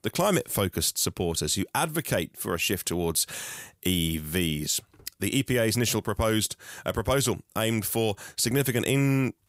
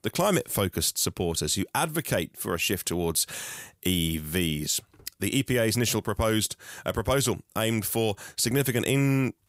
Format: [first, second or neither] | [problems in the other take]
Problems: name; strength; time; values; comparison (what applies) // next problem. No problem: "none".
neither | none